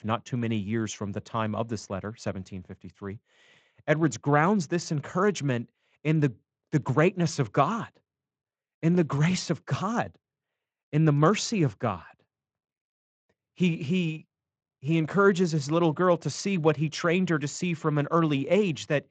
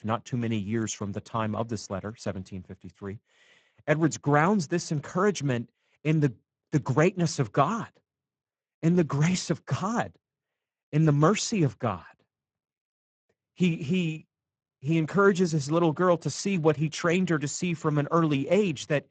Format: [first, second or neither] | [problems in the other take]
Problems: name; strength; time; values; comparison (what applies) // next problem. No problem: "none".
first | garbled, watery; badly; nothing above 7.5 kHz; slightly in the first